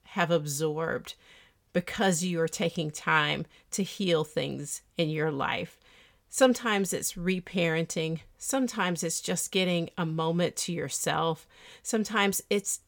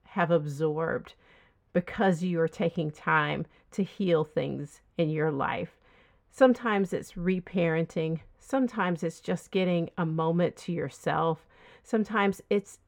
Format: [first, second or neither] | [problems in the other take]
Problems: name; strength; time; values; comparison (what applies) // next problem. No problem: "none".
first | muffled; very; fading above 3 kHz